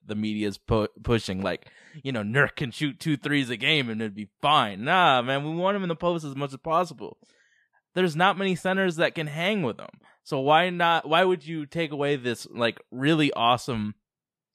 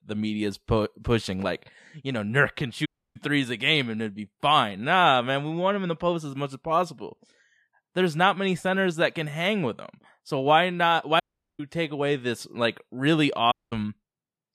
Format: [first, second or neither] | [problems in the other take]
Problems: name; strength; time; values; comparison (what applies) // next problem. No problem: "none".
first | audio cutting out; at 3 s, at 11 s and at 14 s